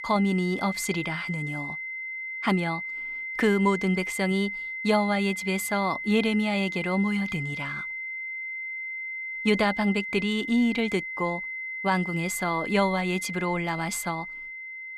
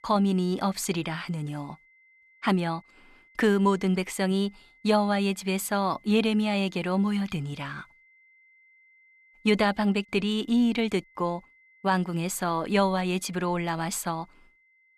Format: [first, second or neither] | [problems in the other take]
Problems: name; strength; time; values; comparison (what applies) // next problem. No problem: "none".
second | high-pitched whine; loud; throughout; 2 kHz, 6 dB below the speech; faint in the second